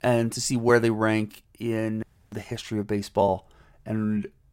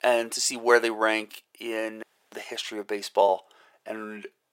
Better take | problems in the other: first | thin; very; fading below 450 Hz

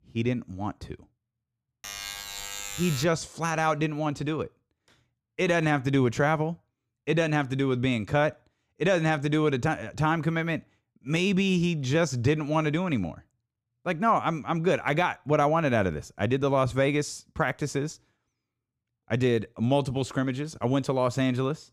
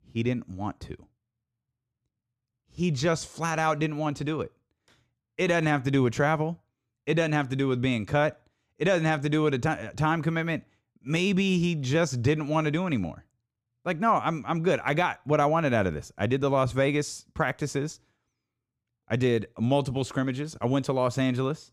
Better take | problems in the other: second | alarm; noticeable; from 2 to 3 s; peak 7 dB below the speech

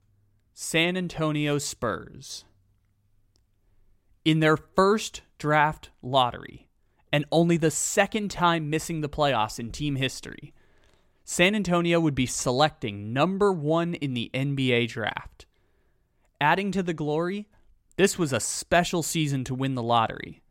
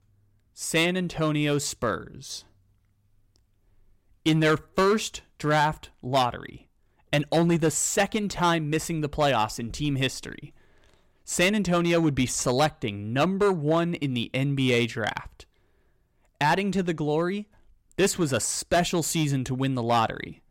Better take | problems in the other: first | distortion; slight; 3% of the sound clipped

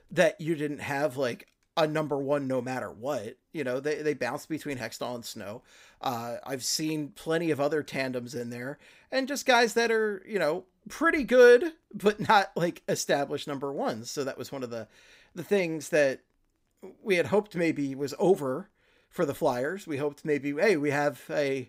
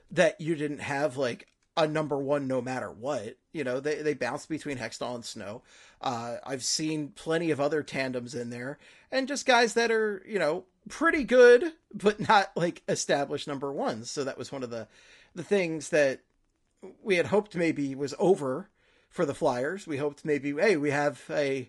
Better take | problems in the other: first | garbled, watery; slightly; nothing above 11 kHz

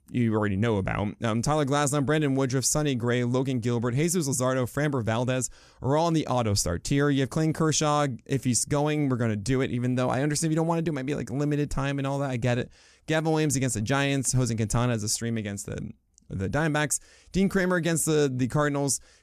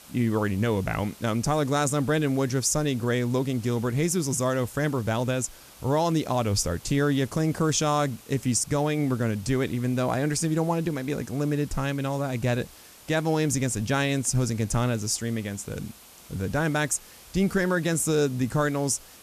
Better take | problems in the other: first | hiss; faint; throughout; 20 dB below the speech

